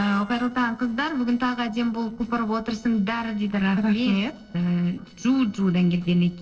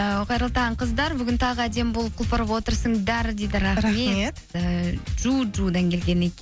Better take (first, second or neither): second